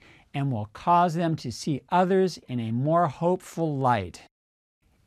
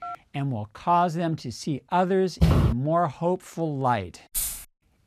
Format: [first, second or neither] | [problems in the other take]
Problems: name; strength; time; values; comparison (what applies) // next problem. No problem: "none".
first | phone ringing; faint; at the start; peak 10 dB below the speech // footsteps; loud; at 2.5 s; peak 5 dB above the speech // jangling keys; noticeable; at 4.5 s; peak 2 dB below the speech